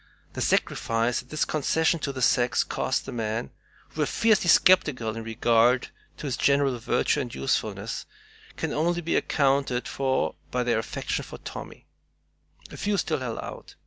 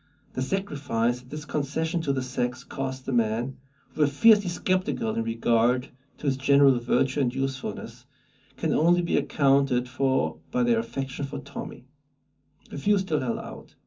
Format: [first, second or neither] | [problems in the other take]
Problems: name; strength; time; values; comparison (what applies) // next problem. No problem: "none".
first | room echo; dies away in 0.3 s